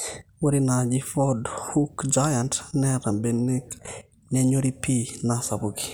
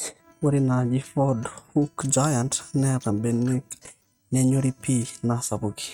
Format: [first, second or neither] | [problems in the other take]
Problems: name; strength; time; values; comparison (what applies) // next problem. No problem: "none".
first | noise reduction (neural mask model RNNoise)